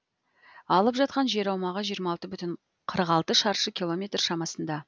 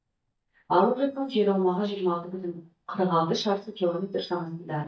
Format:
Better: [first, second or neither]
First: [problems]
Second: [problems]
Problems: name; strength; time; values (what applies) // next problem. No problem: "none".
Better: first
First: none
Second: noise reduction (neural mask model DeepFilterNet 3)